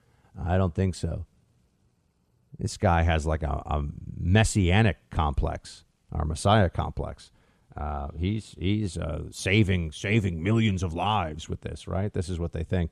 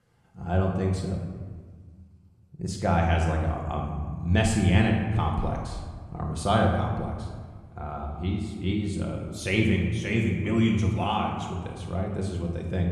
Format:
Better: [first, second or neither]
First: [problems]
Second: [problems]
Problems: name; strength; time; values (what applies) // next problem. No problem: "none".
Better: first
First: none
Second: room echo; noticeable; dies away in 1.3 s // off-mic speech; somewhat distant